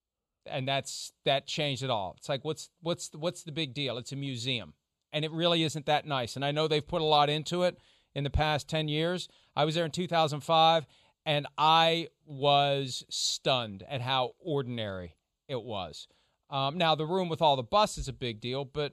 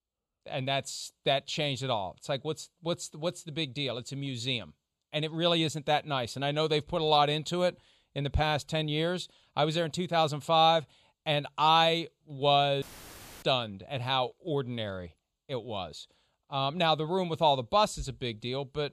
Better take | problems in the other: first | audio cutting out; filled with static; at 13 s for 0.5 s

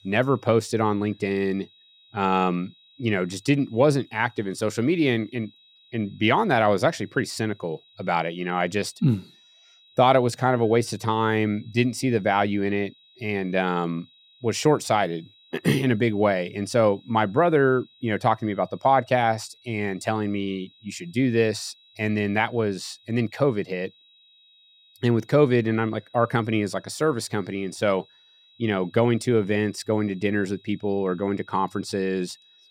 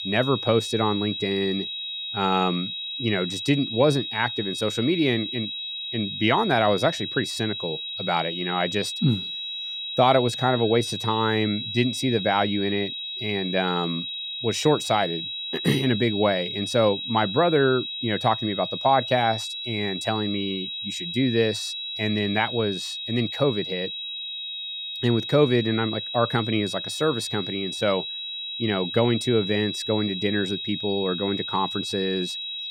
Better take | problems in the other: first | high-pitched whine; loud; throughout; 4 kHz, 5 dB below the speech; faint in the first

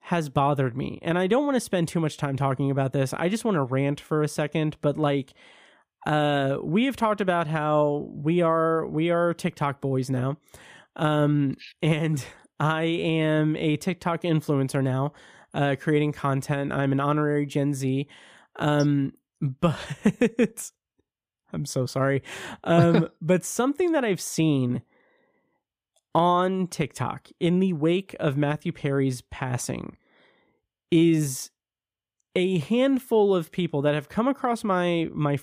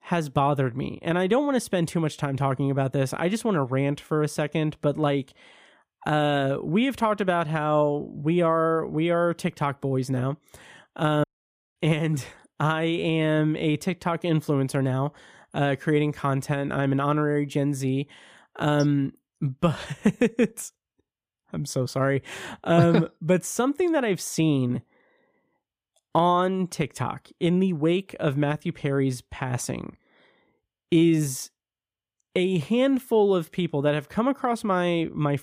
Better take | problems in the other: first | audio cutting out; at 11 s for 0.5 s

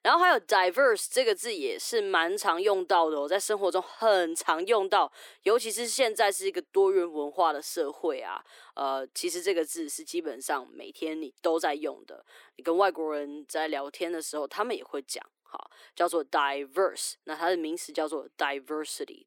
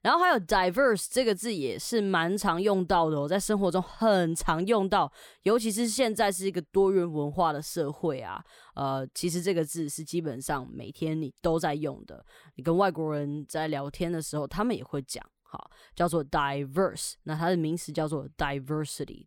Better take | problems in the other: second | thin; very; fading below 300 Hz

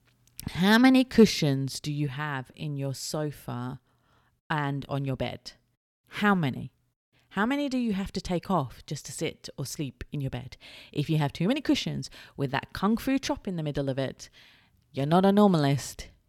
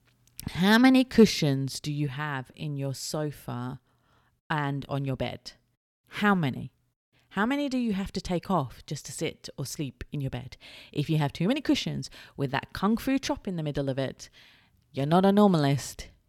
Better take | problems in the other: neither | none

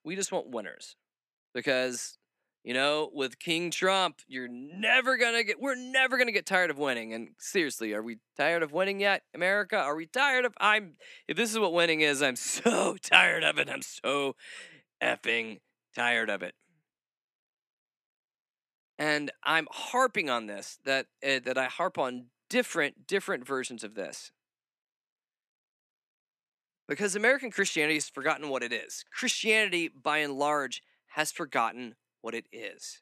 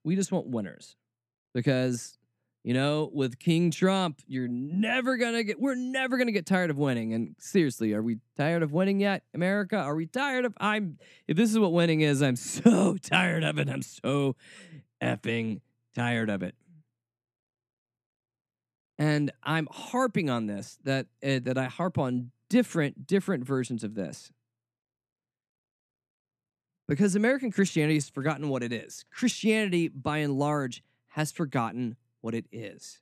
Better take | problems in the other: second | thin; somewhat; fading below 500 Hz

